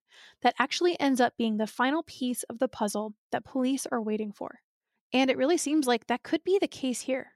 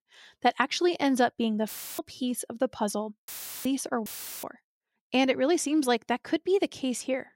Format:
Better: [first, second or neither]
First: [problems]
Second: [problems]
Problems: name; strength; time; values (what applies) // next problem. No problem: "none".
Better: first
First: none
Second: audio cutting out; filled with static; at 1.5 s, at 3.5 s and at 4 s